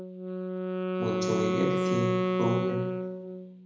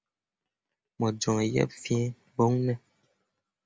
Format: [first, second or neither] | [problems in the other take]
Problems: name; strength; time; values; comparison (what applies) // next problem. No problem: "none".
second | background sound (Wind instrument, woodwind instrument); 4 dB above the speech // room echo; dies away in 0.9 s